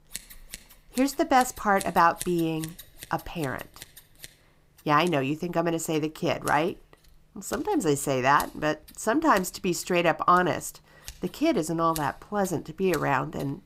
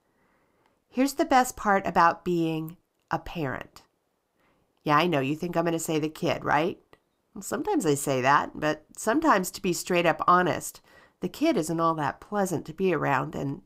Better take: second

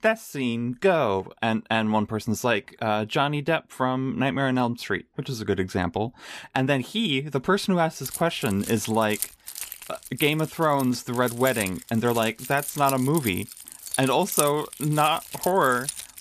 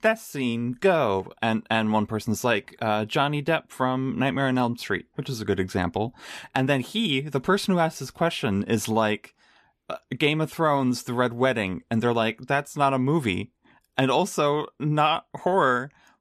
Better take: second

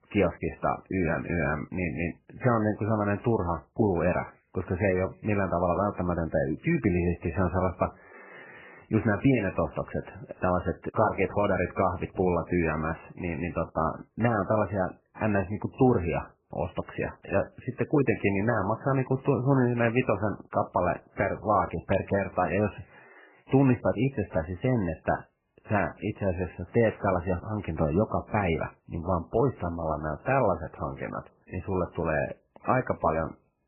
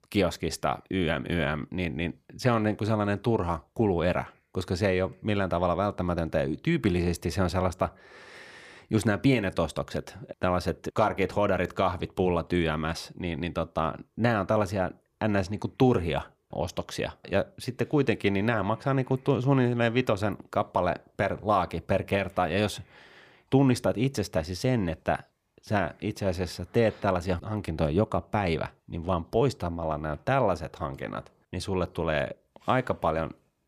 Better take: second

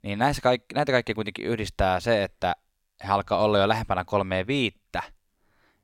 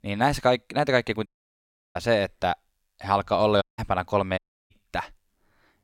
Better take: first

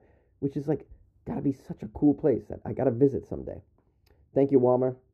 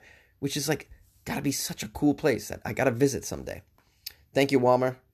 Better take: second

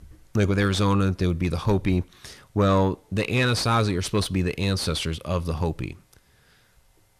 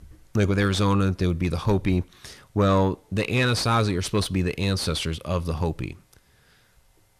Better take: neither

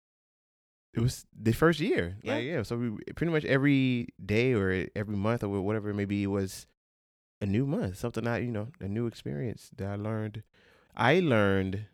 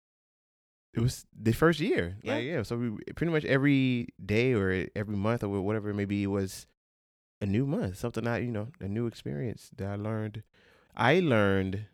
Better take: neither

